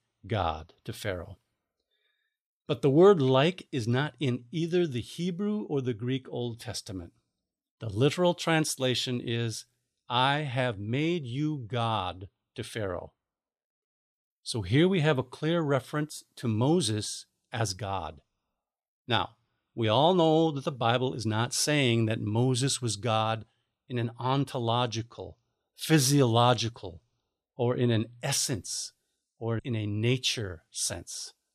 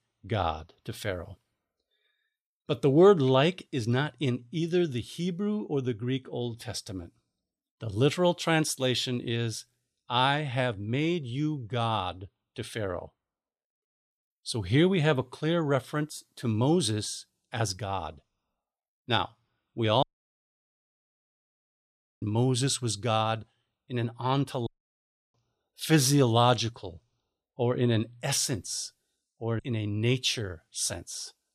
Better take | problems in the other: first | audio cutting out; at 20 s for 2 s and at 25 s for 0.5 s

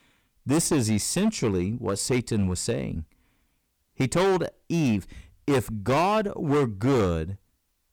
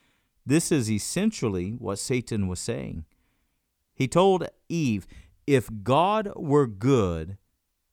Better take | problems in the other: second | distortion; heavy; 10% of the sound clipped

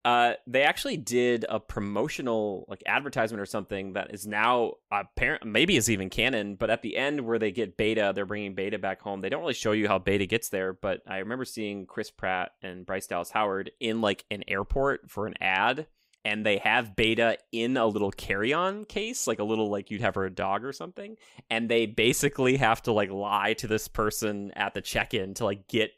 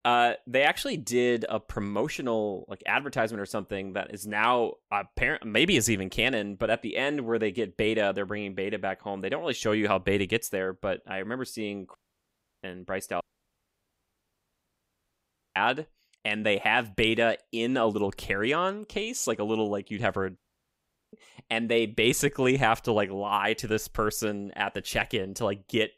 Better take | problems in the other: first | audio cutting out; at 12 s for 0.5 s, at 13 s for 2.5 s and at 20 s for 1 s

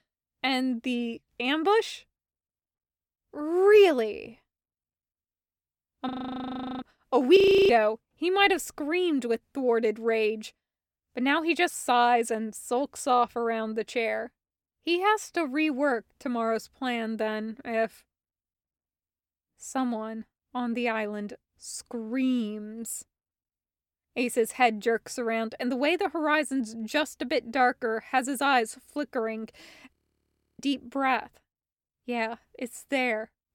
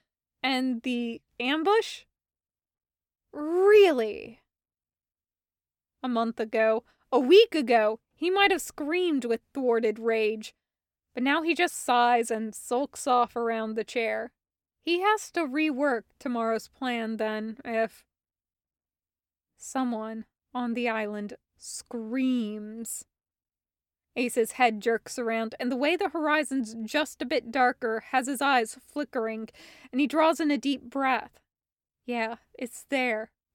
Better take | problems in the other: second | audio freezing; at 6 s for 0.5 s, at 7.5 s and at 30 s for 0.5 s

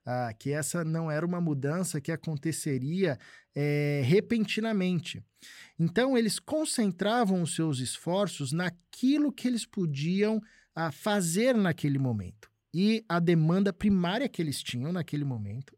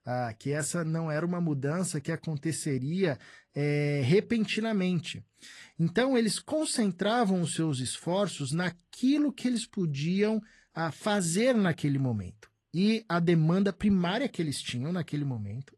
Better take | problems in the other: first | garbled, watery; slightly

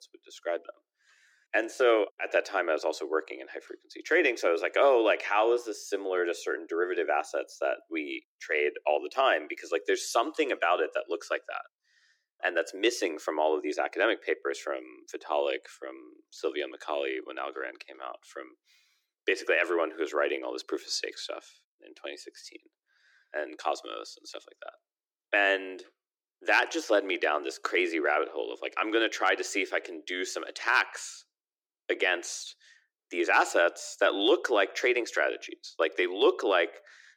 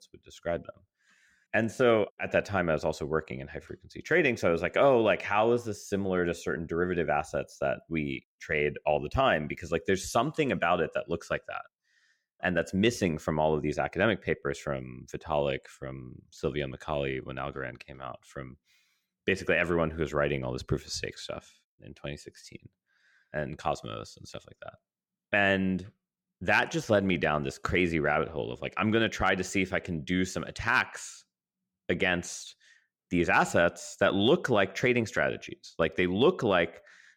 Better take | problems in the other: second | thin; very; fading below 300 Hz

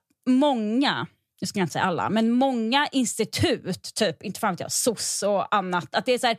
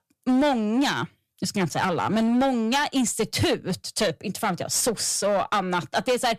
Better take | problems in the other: first | distortion; slight; 12% of the sound clipped

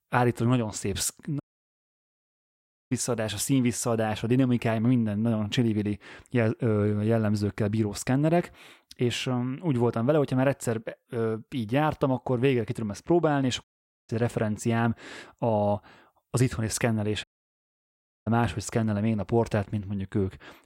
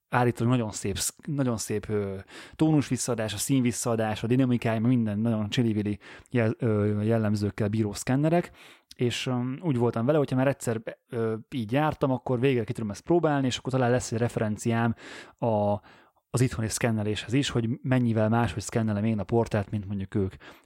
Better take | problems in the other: second | audio cutting out; at 1.5 s for 1.5 s, at 14 s and at 17 s for 1 s

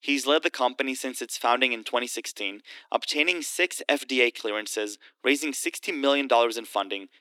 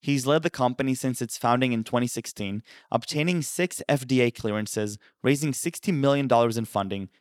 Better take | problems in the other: second | thin; very slightly; fading below 300 Hz

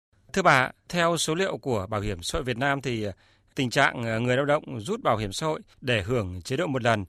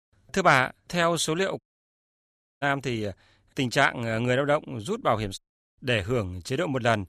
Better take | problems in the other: first | audio cutting out; at 1.5 s for 1 s and at 5.5 s

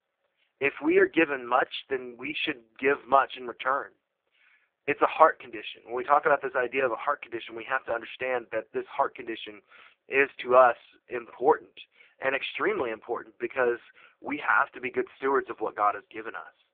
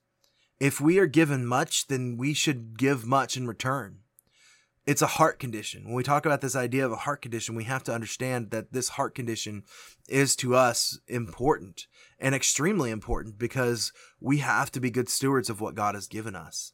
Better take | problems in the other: second | phone-call audio; poor line; nothing above 3.5 kHz

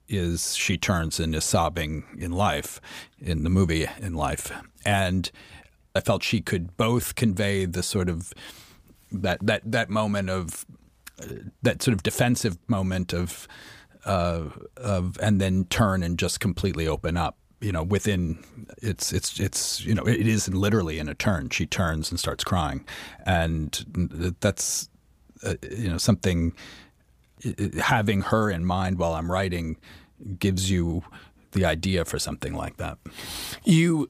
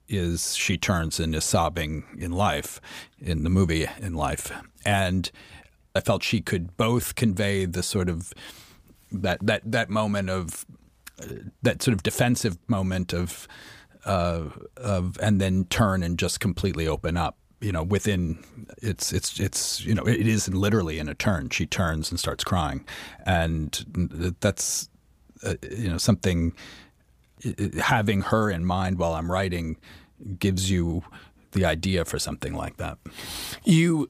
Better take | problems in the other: neither | none

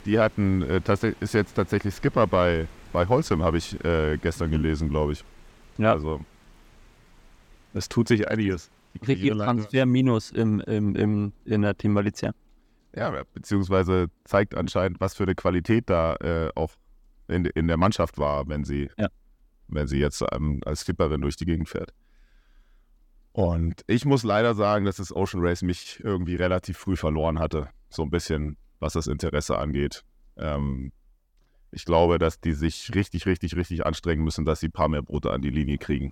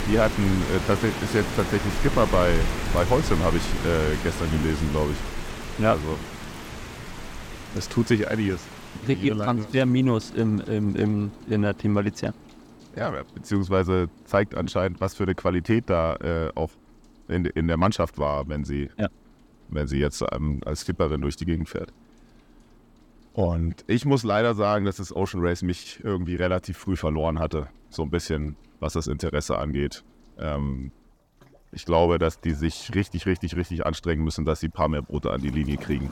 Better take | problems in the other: first | rain or running water; loud; throughout; 8 dB below the speech; faint in the first

